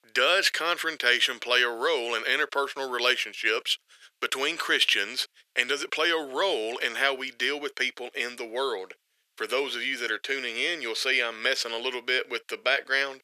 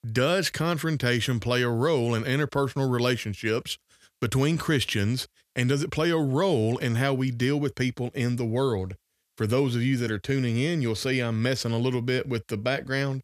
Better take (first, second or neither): second